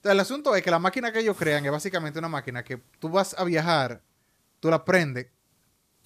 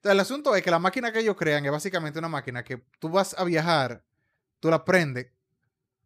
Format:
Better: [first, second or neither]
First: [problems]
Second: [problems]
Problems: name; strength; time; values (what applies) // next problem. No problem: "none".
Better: second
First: hiss; faint; throughout; 25 dB below the speech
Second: none